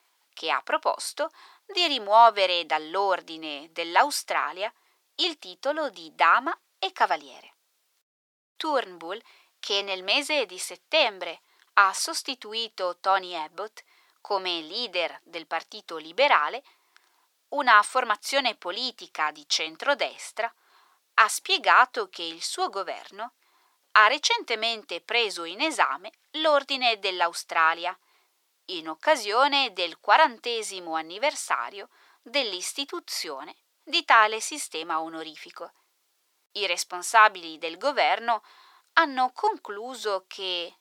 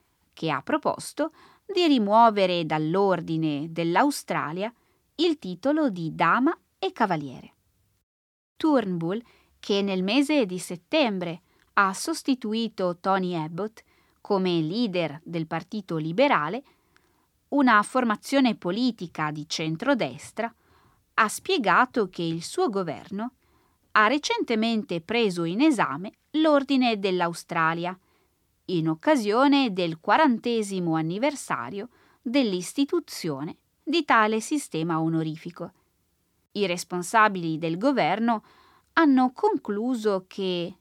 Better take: second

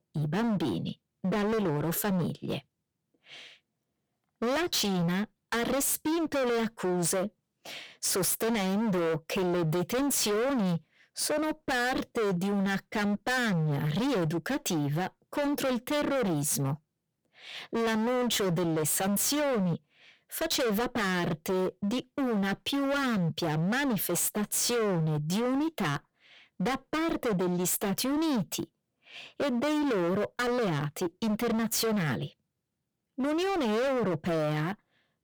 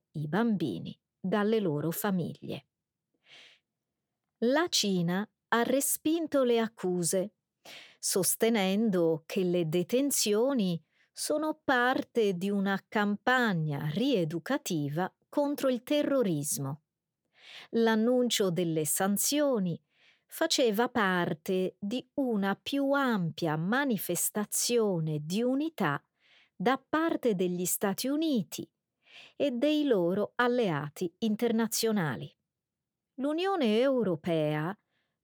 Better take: second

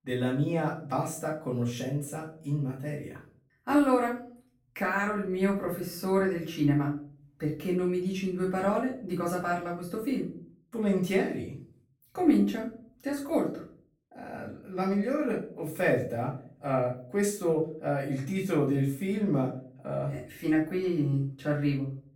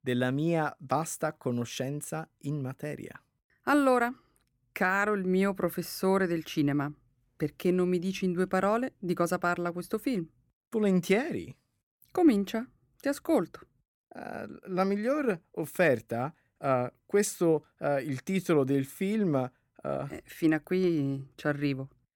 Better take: second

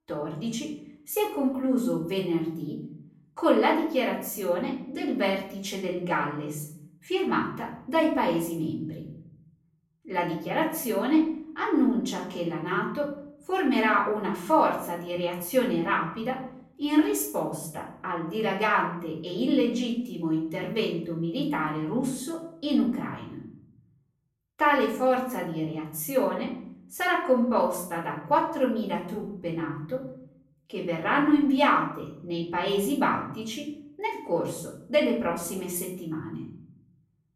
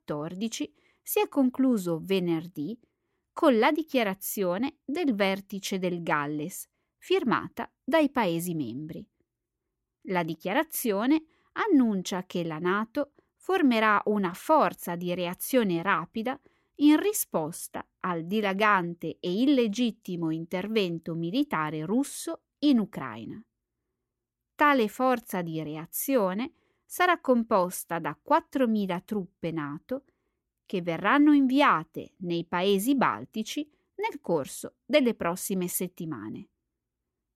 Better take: second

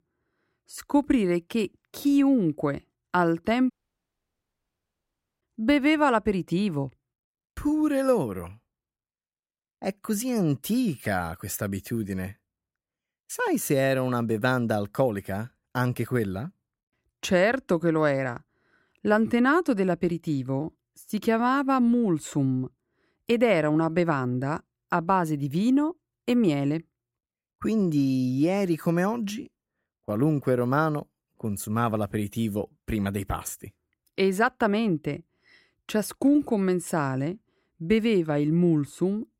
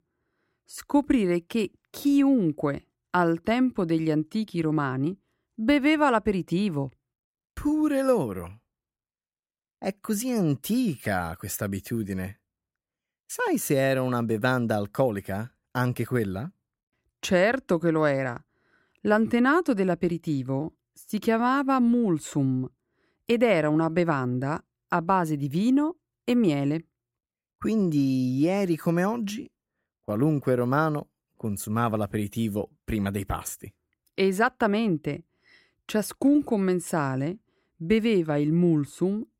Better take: second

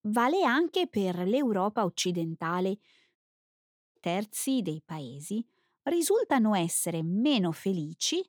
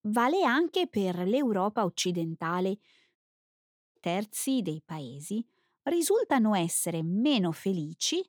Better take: neither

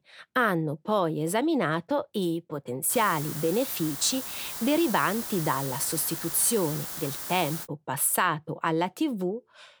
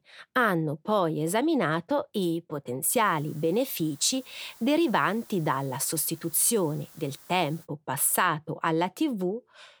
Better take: second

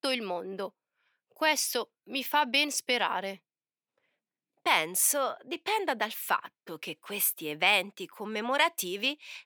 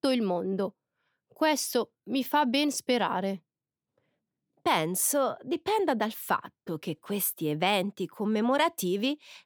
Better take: second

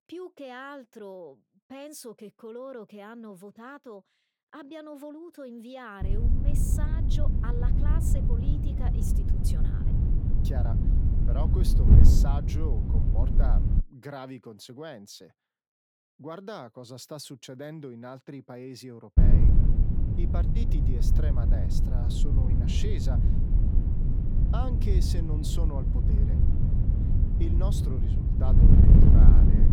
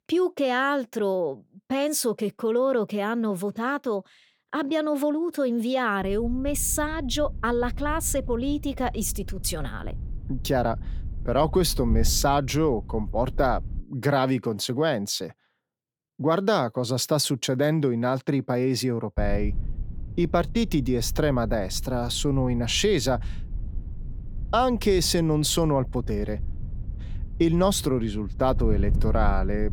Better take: second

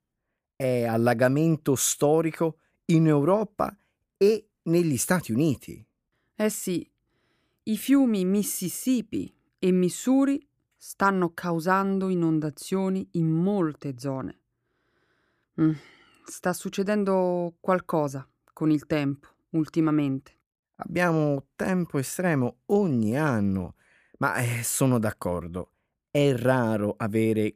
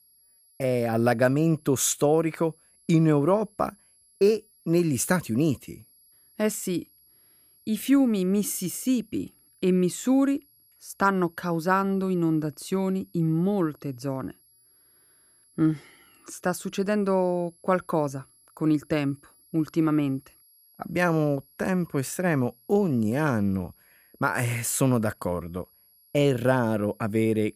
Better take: first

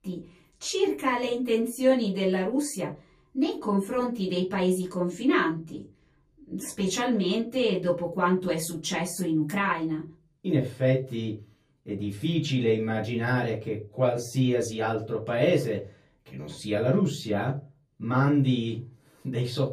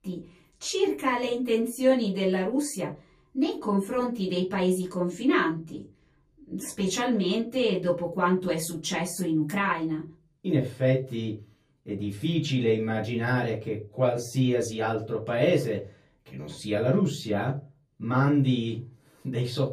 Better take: neither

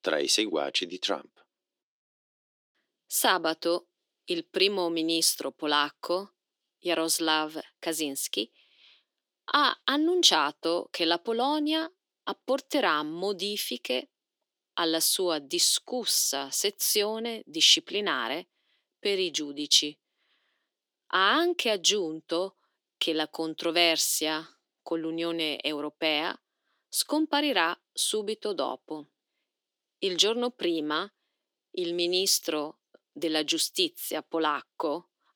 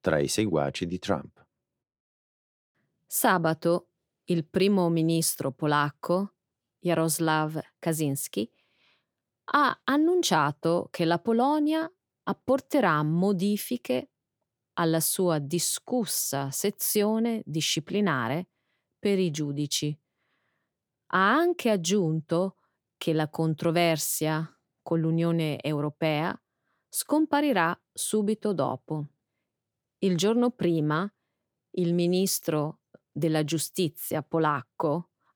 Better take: second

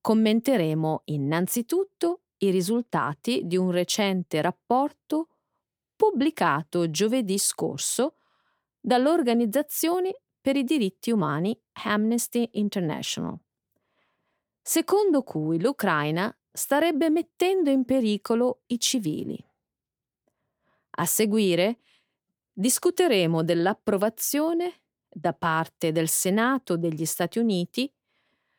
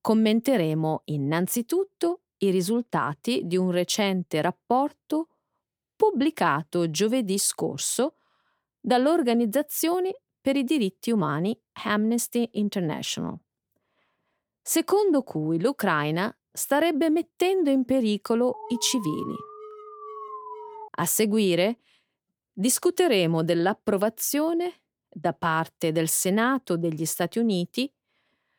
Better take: first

